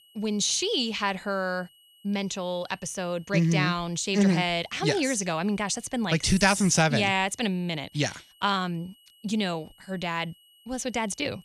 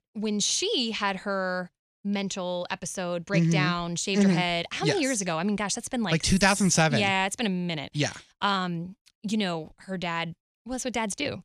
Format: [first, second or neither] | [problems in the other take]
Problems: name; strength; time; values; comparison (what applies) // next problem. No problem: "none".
second | high-pitched whine; faint; throughout; 3 kHz, 30 dB below the speech